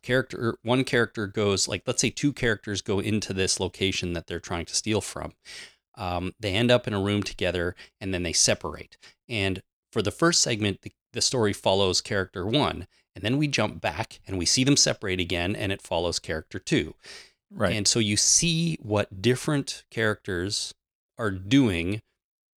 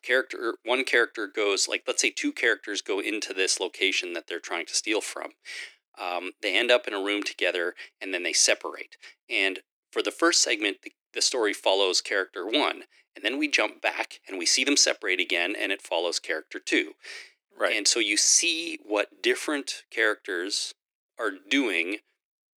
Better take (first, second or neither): first